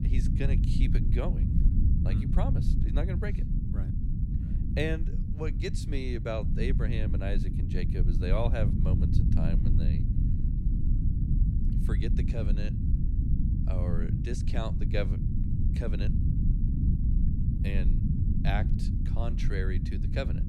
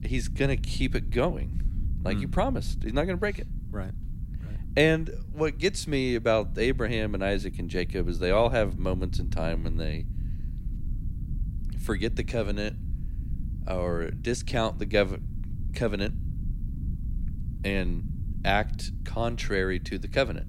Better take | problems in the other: second | low rumble; loud; throughout; 3 dB below the speech; faint in the second

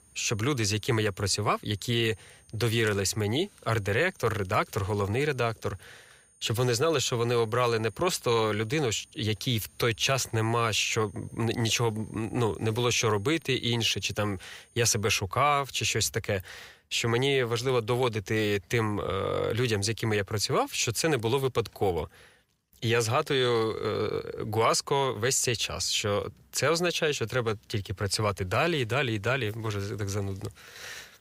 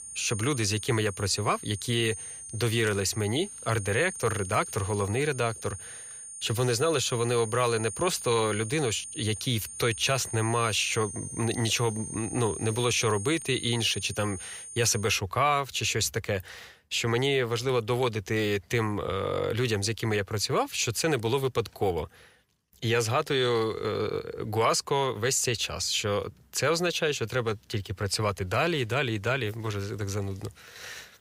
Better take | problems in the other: first | high-pitched whine; loud; until 15 s; 9 kHz, 10 dB below the speech; faint in the first

